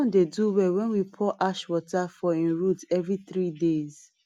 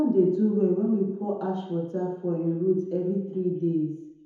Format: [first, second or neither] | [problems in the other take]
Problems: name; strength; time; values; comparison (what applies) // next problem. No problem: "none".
first | room echo; dies away in 1 s